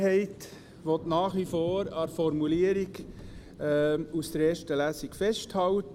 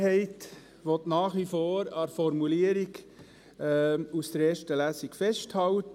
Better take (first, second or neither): second